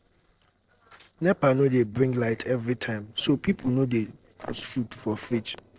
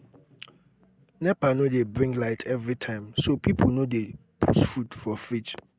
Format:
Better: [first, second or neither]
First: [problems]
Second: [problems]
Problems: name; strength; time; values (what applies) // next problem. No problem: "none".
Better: second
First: noise reduction (neural separator model SepFormer DNS4)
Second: none